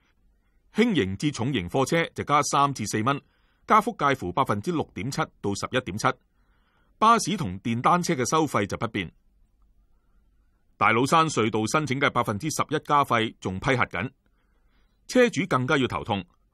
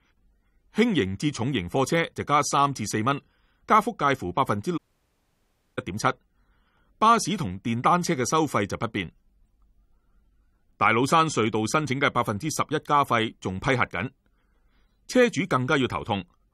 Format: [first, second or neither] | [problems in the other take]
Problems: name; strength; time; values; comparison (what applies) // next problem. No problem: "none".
first | audio cutting out; at 5 s for 1 s